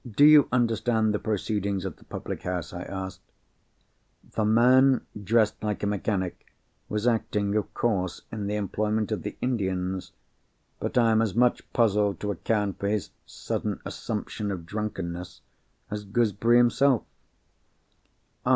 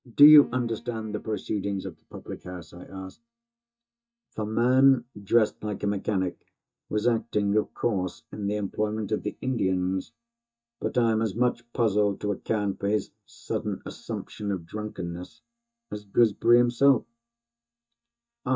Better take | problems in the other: first | noise reduction (neural mask model DeepFilterNet 3)

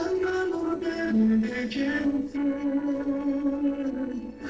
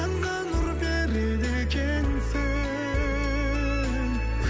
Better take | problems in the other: second | noise reduction (neural separator model SepFormer DNS4)

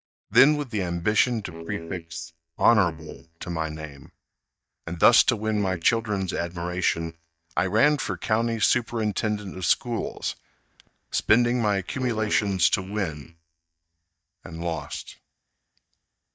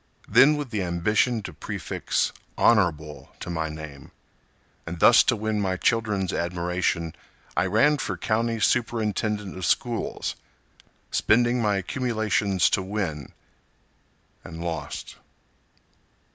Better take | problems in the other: second | noise reduction (neural mask model DeepFilterNet 3)

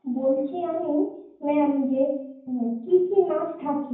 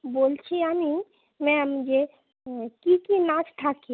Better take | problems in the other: second | room echo; dies away in 0.9 s

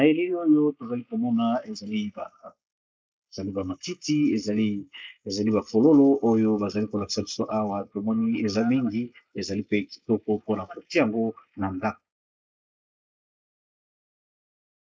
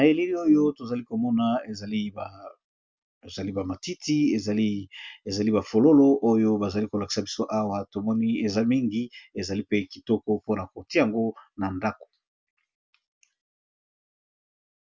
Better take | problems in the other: second | noise reduction (neural mask model Resemble Enhance denoiser)

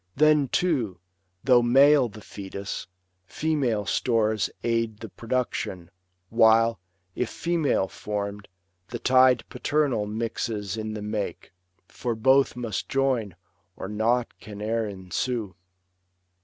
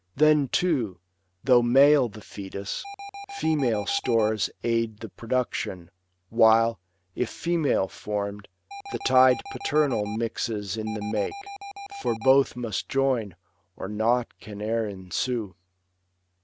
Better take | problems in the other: first | background sound (Alarm); 11 dB below the speech

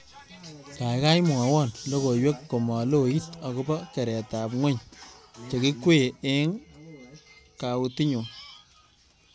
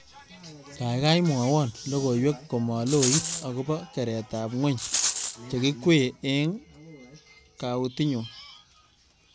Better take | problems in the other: first | background sound (Rattle); 1 dB below the speech

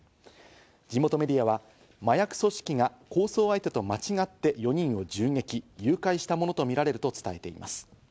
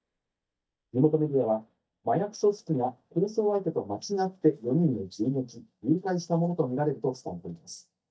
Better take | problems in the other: first | noise reduction (neural mask model DeepFilterNet 3)

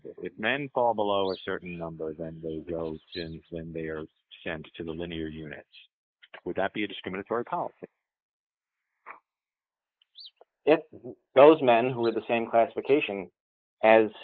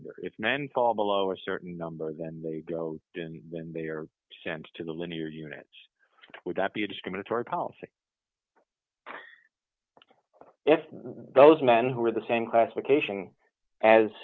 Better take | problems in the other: second | noise reduction (neural mask model Resemble Enhance denoiser)

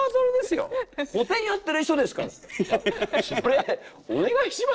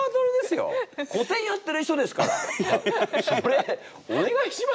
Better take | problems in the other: second | noise reduction (neural separator model SepFormer DNS4)

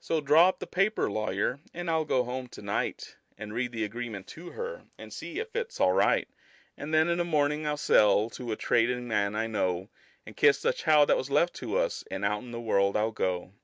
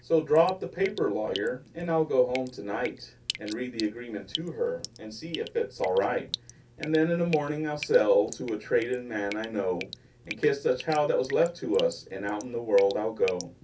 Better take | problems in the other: first | background sound (Drip); 15 dB below the speech // room echo; dies away in 0.3 s

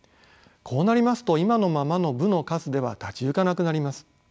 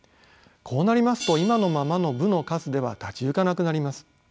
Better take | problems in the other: first | background sound (Hi-hat); 19 dB below the speech

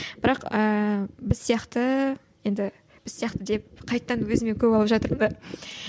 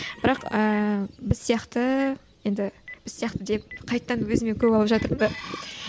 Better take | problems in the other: first | background sound (Telephone + Chicken, rooster); 19 dB below the speech

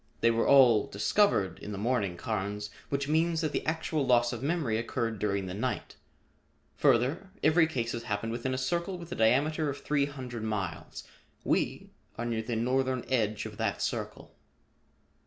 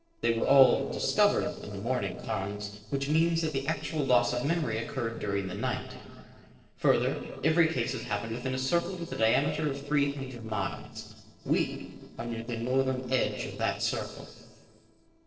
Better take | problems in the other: first | noise reduction (neural separator model SepFormer DNS4)

